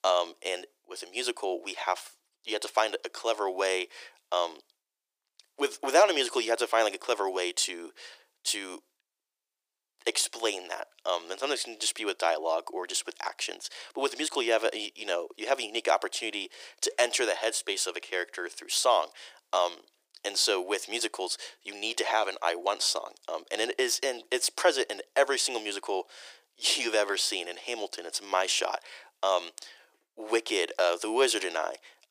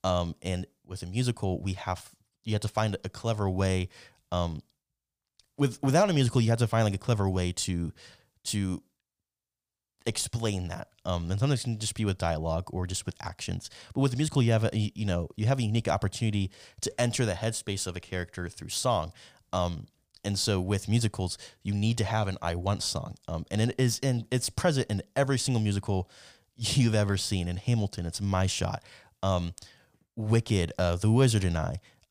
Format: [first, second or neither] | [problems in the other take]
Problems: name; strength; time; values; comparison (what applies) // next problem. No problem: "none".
second | thin; very; fading below 350 Hz